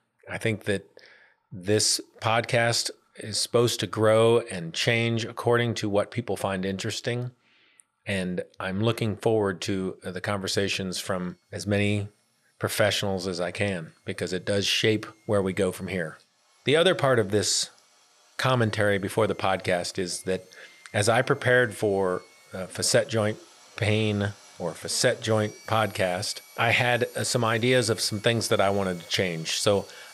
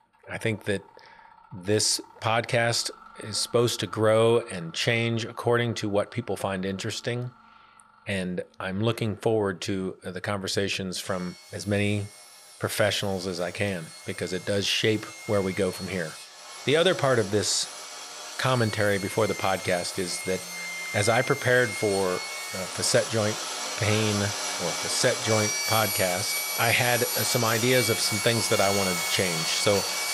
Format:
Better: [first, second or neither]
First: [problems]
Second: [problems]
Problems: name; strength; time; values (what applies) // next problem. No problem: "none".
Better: first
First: machinery noise; faint; throughout; 25 dB below the speech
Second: machinery noise; loud; throughout; 3 dB below the speech